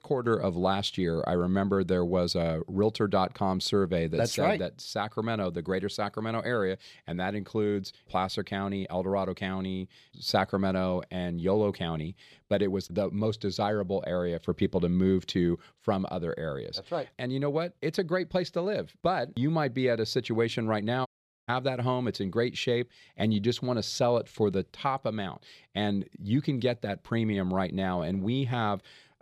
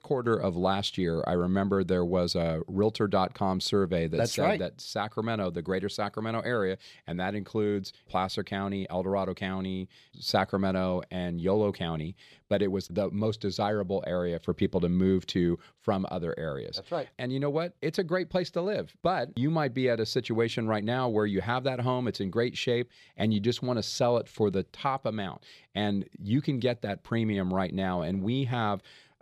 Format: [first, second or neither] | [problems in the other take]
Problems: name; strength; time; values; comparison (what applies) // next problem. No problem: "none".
second | audio cutting out; at 21 s